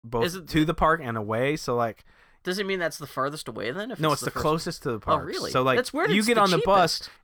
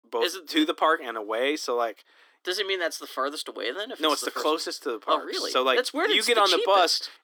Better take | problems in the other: first | thin; somewhat; fading below 300 Hz

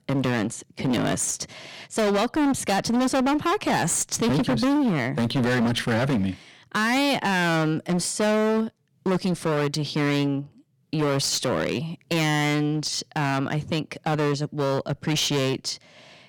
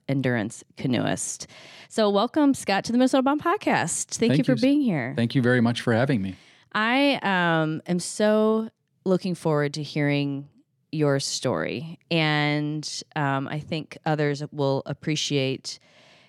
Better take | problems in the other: second | distortion; heavy; 23% of the sound clipped

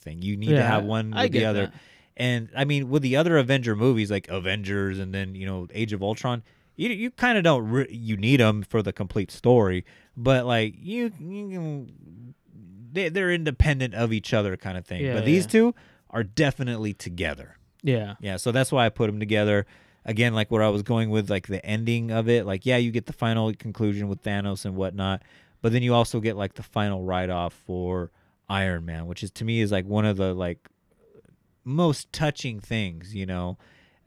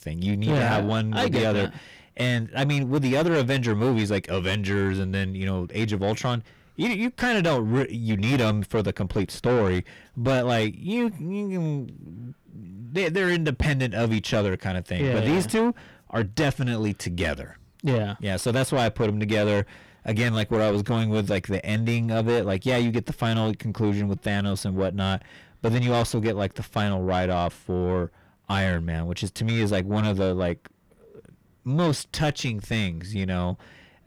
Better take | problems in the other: first | distortion; heavy; 6 dB below the speech

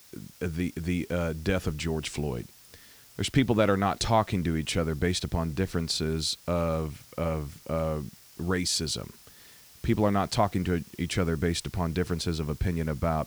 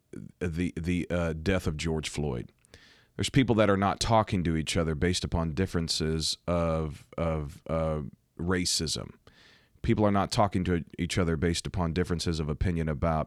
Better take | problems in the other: second | hiss; faint; throughout; 20 dB below the speech

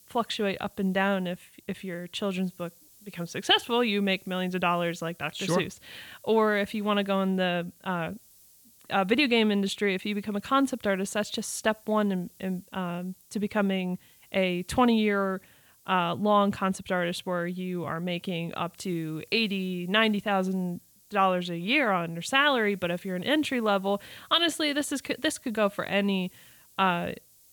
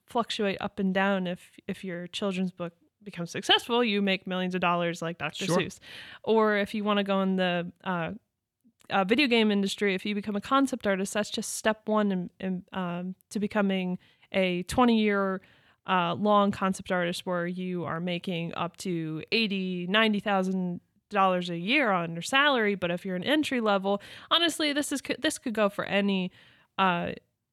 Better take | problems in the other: second | hiss; faint; throughout; 25 dB below the speech

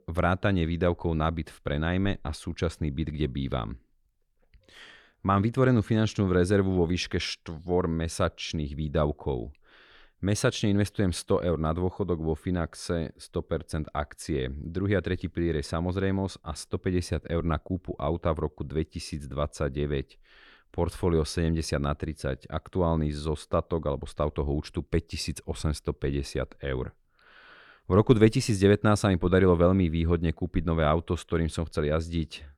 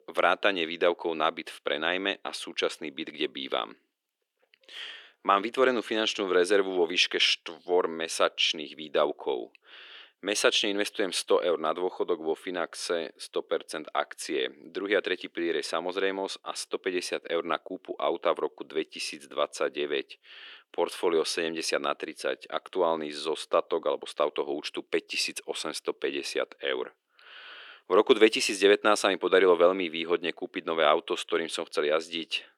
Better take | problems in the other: first | thin; very; fading below 350 Hz

